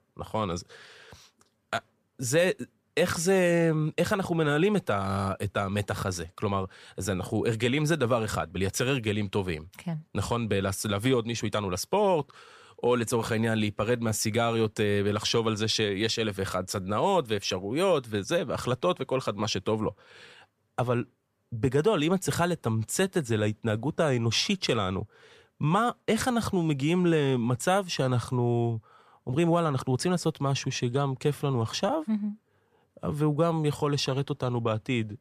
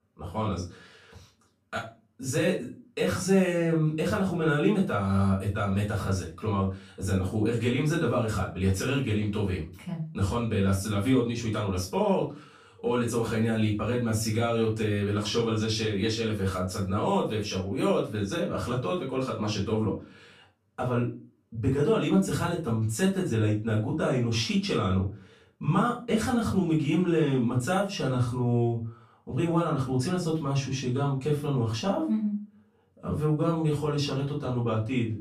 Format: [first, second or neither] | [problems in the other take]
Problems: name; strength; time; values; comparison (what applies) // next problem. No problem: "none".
first | off-mic speech; far // room echo; slight; dies away in 0.3 s